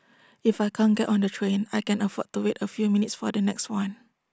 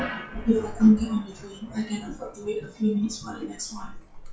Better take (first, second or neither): first